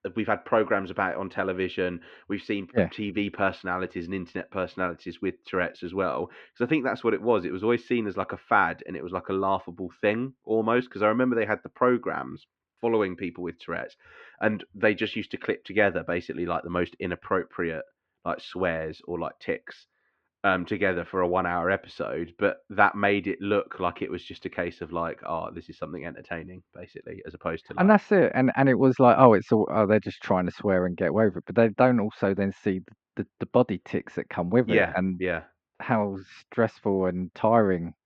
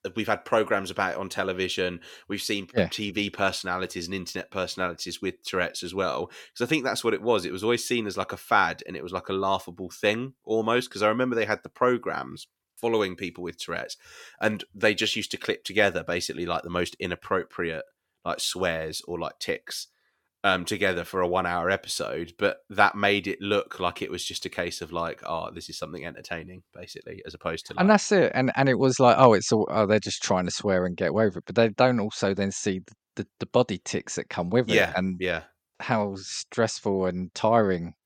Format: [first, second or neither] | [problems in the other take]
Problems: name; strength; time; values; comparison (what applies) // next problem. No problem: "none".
second | muffled; very; fading above 2.5 kHz